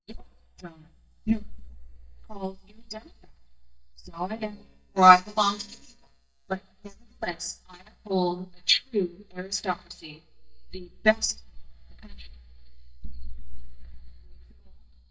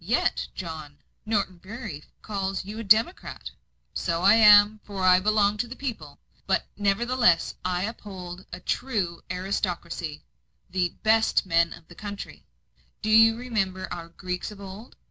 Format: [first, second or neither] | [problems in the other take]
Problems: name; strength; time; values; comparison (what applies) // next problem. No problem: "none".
second | noise reduction (neural mask model DeepFilterNet 3)